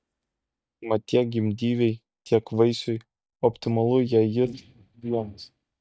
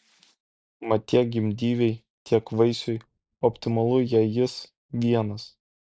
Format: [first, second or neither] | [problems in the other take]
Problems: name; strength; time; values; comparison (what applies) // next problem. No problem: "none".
second | noise reduction (neural mask model DeepFilterNet 3)